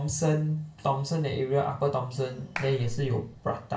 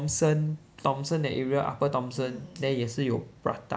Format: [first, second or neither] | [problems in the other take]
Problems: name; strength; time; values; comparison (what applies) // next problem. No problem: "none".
second | background sound (Clapping); 10 dB below the speech // room echo; dies away in 0.3 s